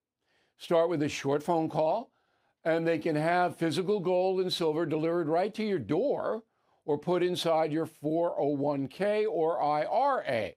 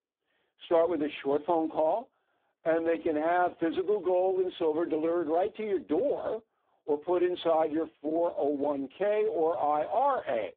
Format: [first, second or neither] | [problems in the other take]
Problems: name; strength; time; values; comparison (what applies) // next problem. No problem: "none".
first | phone-call audio; poor line